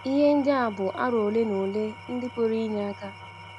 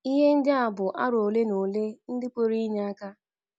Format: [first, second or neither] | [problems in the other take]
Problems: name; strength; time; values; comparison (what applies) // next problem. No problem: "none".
second | background sound (Engine / Tools); 17 dB below the speech